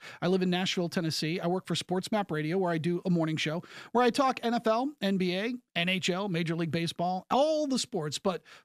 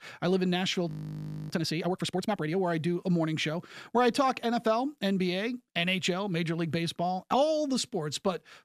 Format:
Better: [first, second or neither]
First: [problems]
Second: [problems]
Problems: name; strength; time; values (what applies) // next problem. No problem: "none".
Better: first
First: none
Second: audio freezing; at 1 s for 0.5 s